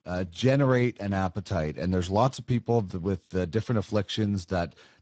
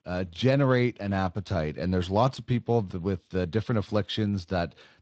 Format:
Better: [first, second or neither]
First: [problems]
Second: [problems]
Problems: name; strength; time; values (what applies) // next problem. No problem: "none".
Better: second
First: garbled, watery; badly; nothing above 8 kHz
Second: garbled, watery; slightly; nothing above 7.5 kHz